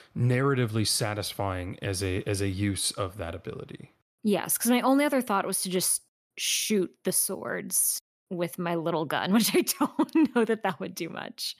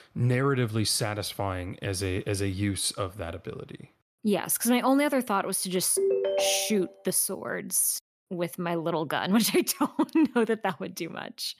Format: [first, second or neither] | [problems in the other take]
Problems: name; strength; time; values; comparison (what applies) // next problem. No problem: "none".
first | phone ringing; loud; at 6 s; peak 1 dB above the speech